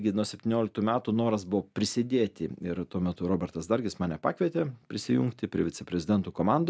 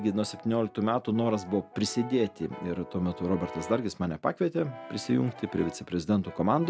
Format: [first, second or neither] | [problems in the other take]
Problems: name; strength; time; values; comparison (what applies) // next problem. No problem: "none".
first | background sound (Brass instrument); 16 dB below the speech